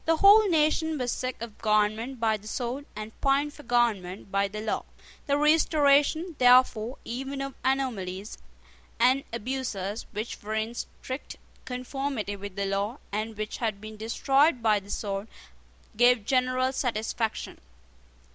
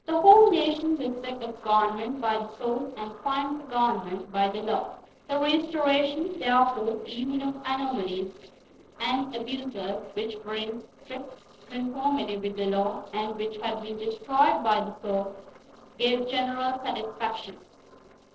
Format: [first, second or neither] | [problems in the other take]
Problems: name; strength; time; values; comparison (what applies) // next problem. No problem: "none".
first | noise reduction (neural separator model SepFormer DNS4)